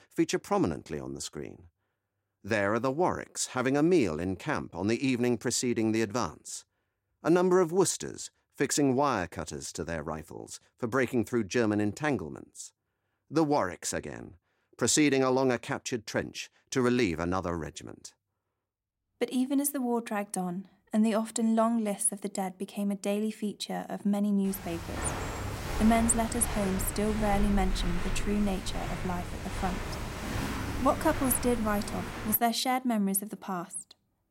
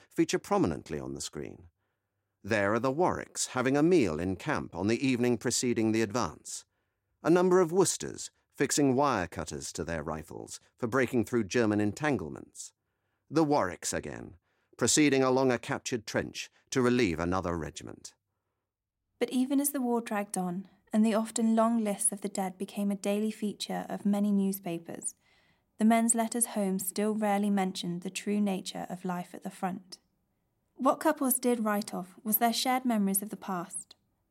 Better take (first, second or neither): second